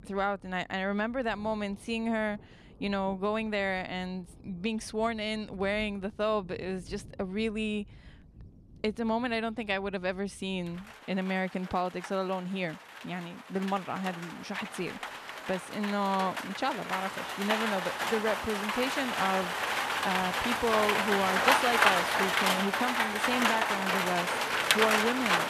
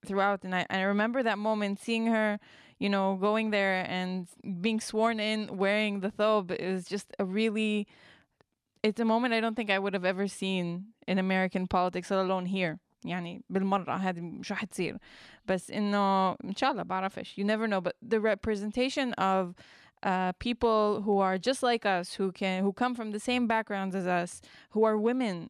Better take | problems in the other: second | rain or running water; very loud; throughout; 3 dB above the speech

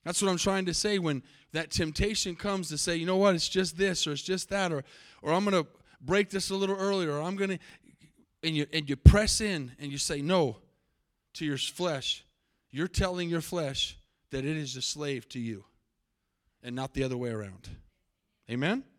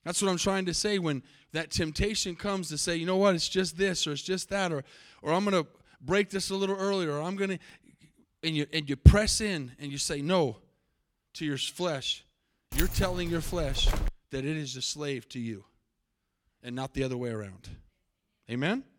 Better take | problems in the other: first | jangling keys; noticeable; from 13 to 14 s; peak 3 dB below the speech

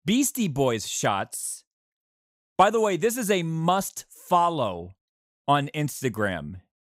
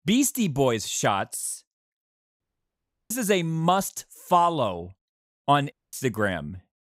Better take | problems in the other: first | audio cutting out; at 2.5 s for 0.5 s and at 5.5 s

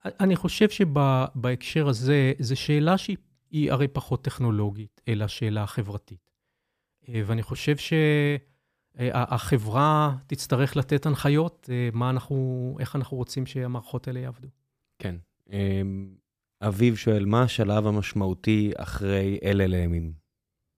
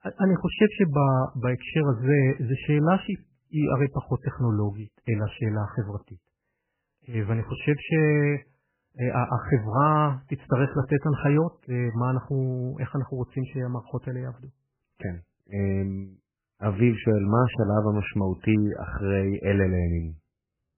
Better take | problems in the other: first | garbled, watery; badly; nothing above 3 kHz

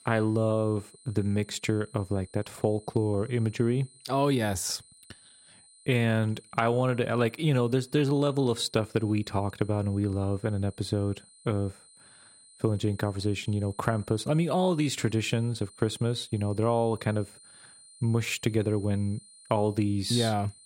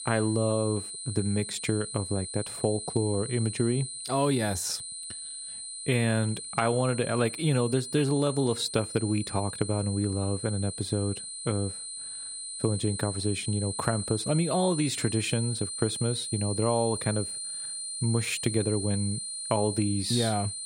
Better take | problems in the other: first | high-pitched whine; loud; throughout; 9 kHz, 6 dB below the speech; faint in the first

